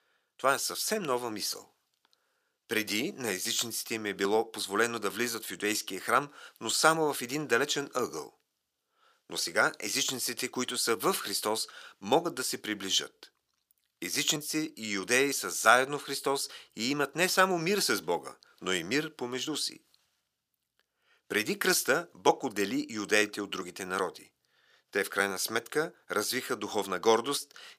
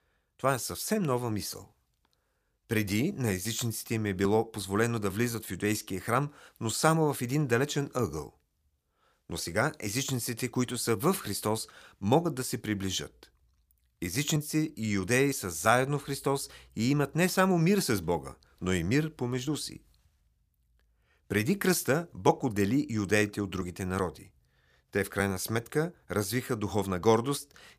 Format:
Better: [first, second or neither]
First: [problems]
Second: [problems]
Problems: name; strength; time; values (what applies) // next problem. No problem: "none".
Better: second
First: thin; somewhat; fading below 350 Hz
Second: none